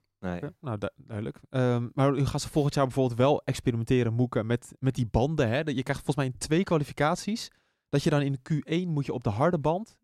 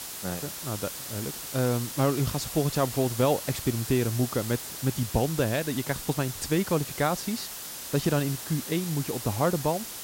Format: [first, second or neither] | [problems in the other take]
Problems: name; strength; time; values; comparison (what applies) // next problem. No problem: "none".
first | hiss; loud; throughout; 7 dB below the speech